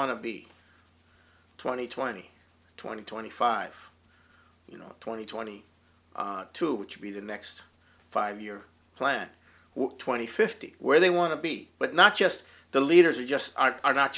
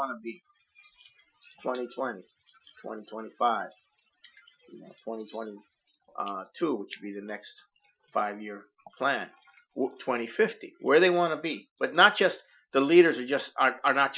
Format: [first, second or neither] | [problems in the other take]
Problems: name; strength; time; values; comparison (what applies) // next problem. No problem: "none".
first | noise reduction (classical method Wiener filter)